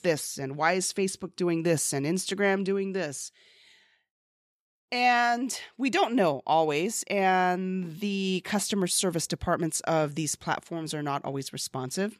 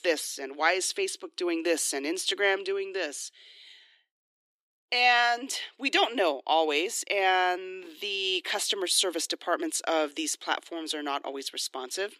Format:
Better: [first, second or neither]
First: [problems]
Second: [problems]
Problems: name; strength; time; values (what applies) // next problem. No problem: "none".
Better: first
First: none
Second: thin; somewhat; fading below 300 Hz